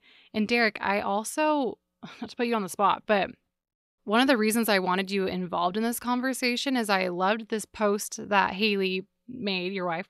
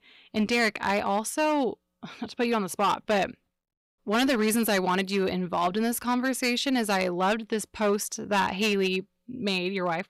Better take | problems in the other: first | distortion; slight; 7% of the sound clipped

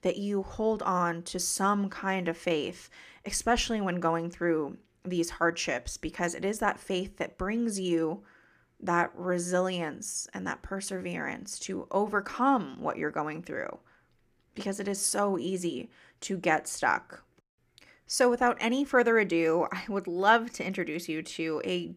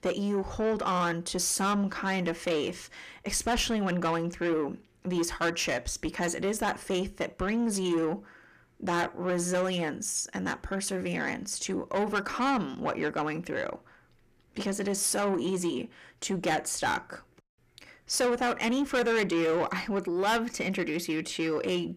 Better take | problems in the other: first | distortion; heavy; 8 dB below the speech

